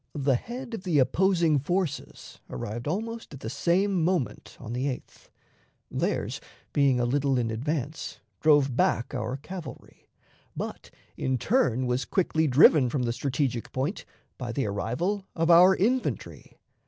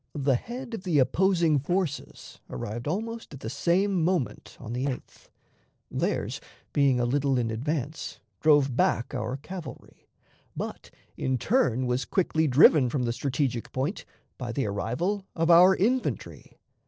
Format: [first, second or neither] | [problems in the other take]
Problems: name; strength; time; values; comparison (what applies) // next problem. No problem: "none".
first | noise reduction (neural separator model SepFormer DNS4)